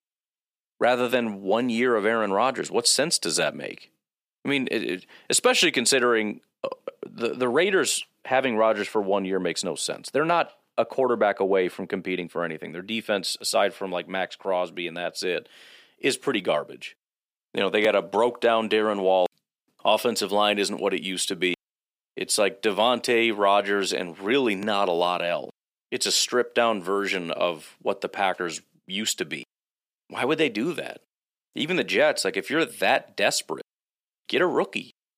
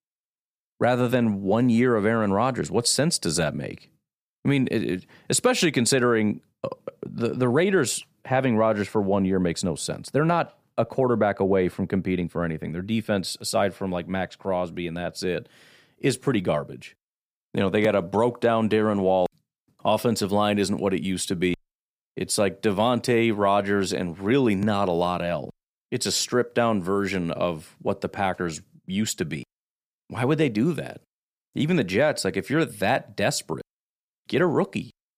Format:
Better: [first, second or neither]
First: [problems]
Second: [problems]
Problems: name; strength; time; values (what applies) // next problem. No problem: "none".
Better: second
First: thin; somewhat; fading below 350 Hz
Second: none